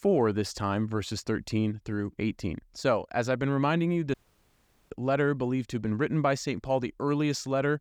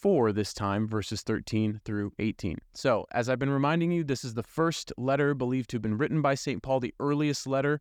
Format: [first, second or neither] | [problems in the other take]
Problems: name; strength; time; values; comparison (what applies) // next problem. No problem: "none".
second | audio cutting out; at 4 s for 1 s